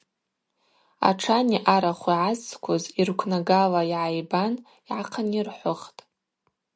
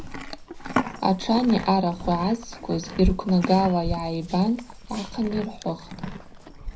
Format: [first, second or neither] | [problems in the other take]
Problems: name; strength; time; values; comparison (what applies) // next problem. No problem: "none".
first | background sound (Livestock, farm animals, working animals); 7 dB below the speech // room echo; dies away in 0.5 s